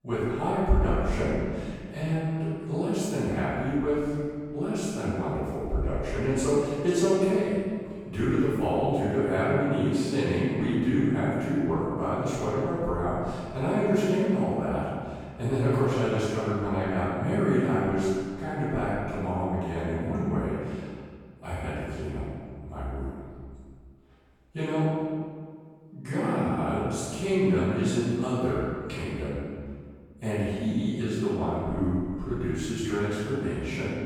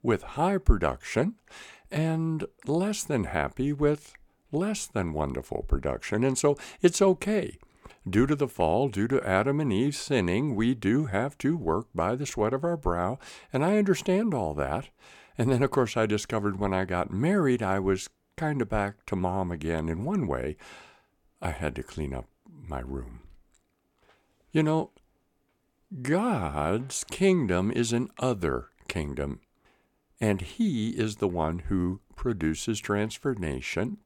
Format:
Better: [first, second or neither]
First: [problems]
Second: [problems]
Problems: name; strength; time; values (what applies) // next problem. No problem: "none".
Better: second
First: off-mic speech; far // room echo; strong; dies away in 1.7 s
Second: none